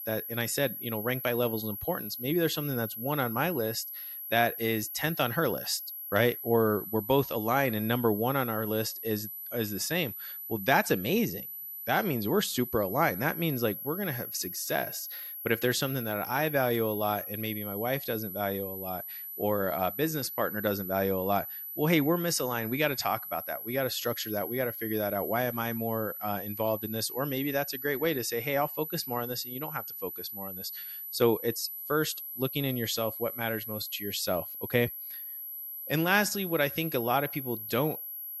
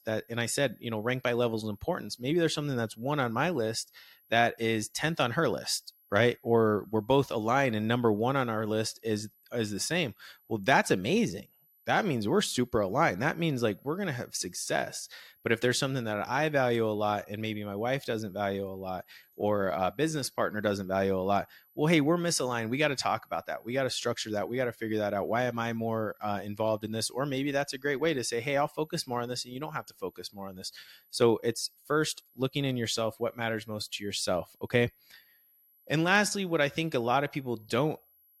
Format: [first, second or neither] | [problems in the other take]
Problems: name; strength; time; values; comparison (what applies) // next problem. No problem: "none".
second | high-pitched whine; loud; throughout; 12 kHz, 7 dB below the speech; faint in the second